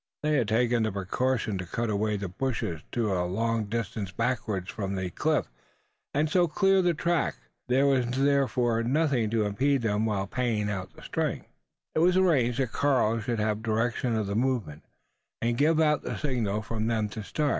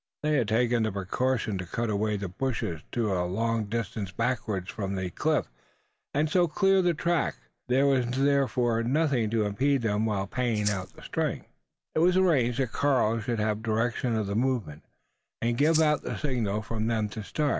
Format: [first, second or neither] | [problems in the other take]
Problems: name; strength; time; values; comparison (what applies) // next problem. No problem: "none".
first | background sound (Rattle (instrument)); 11 dB below the speech